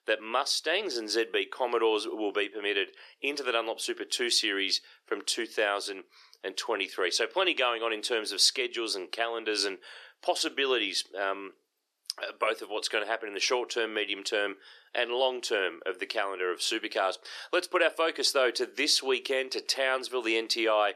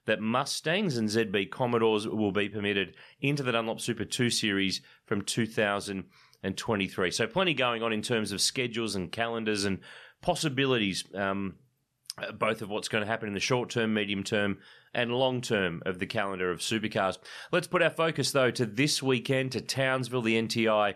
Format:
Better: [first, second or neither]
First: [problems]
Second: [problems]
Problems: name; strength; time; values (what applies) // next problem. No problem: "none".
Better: second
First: thin; very; fading below 350 Hz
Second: none